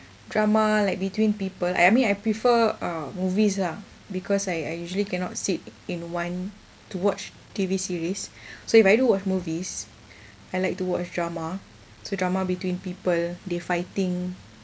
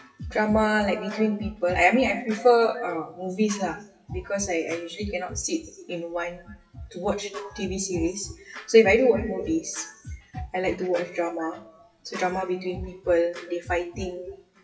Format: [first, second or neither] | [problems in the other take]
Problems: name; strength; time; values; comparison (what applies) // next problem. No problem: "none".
first | noise reduction (classical method WPE with log-MMSE)